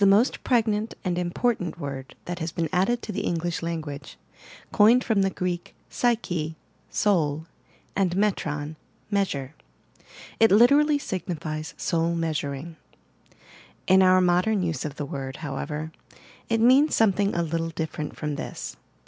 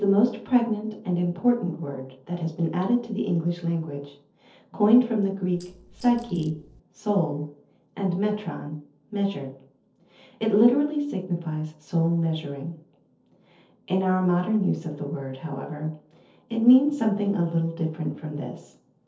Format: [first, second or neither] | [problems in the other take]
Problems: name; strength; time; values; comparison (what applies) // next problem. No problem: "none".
first | noise reduction (neural separator model SepFormer DNS4)